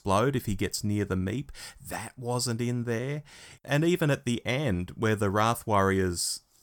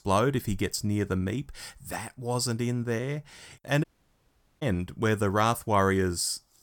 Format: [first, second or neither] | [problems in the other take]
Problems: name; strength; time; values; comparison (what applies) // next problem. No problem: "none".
first | audio cutting out; at 4 s for 1 s